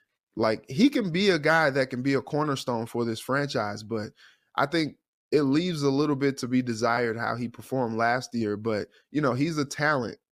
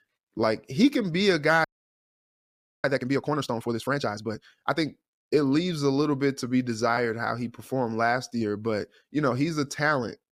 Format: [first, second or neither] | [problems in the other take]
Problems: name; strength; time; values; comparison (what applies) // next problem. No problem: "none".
first | audio freezing; at 1.5 s for 1 s